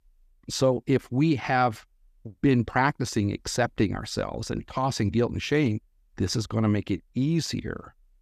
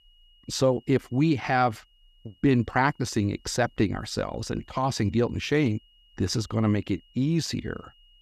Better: first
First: none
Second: high-pitched whine; faint; throughout; 3 kHz, 35 dB below the speech

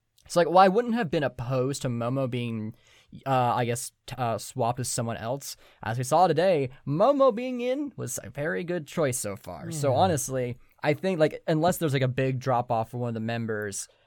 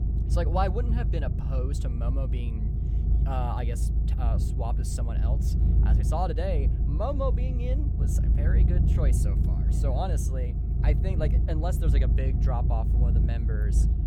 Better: first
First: none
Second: low rumble; loud; throughout; 6 dB below the speech

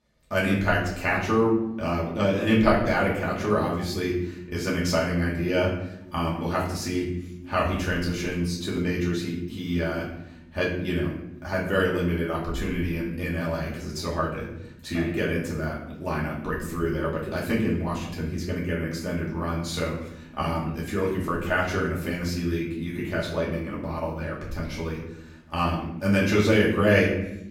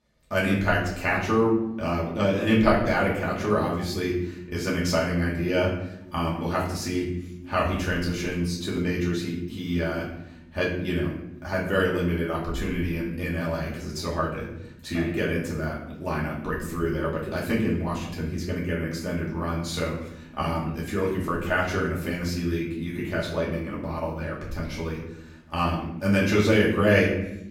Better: neither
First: off-mic speech; far // room echo; noticeable; dies away in 0.7 s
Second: off-mic speech; far // room echo; noticeable; dies away in 0.7 s

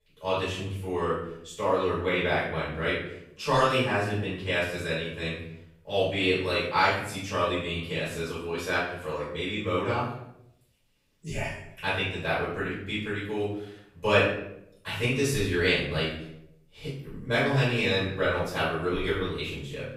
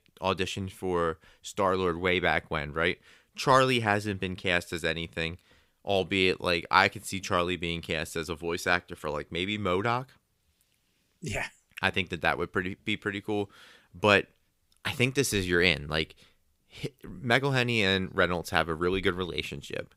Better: second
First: off-mic speech; far // room echo; noticeable; dies away in 0.7 s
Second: none

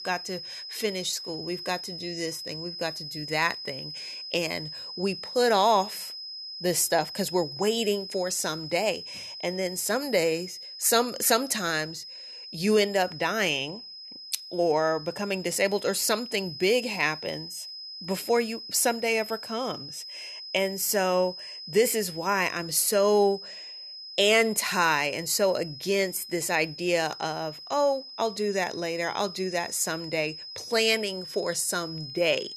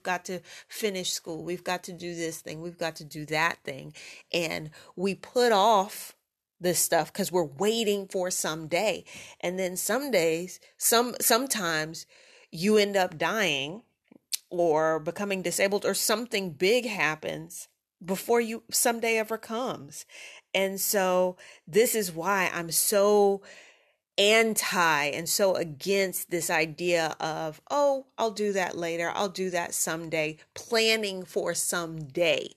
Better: second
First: high-pitched whine; noticeable; throughout; 5 kHz, 10 dB below the speech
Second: none

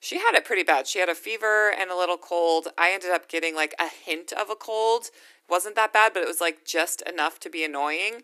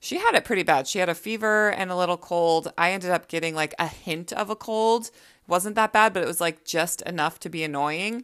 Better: second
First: thin; very; fading below 300 Hz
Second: none

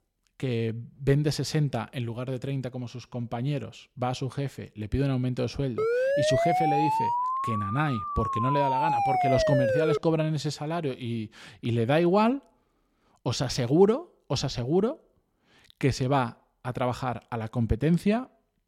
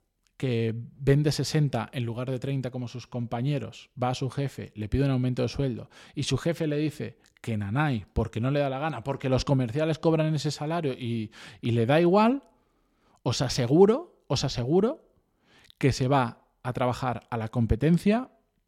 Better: second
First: siren; loud; from 6 to 10 s; peak 4 dB above the speech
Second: none

